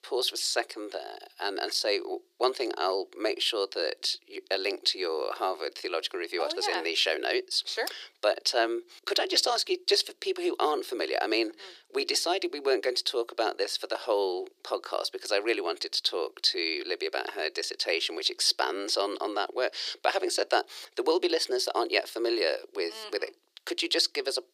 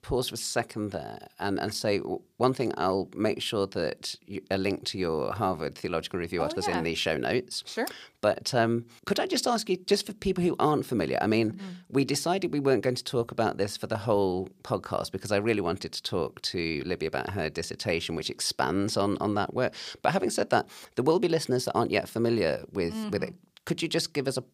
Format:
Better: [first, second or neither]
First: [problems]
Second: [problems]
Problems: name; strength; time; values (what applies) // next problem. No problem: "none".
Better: second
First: thin; very; fading below 350 Hz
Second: none